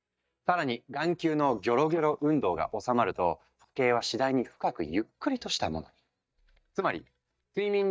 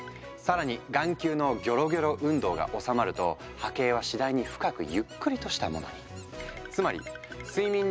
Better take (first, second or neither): second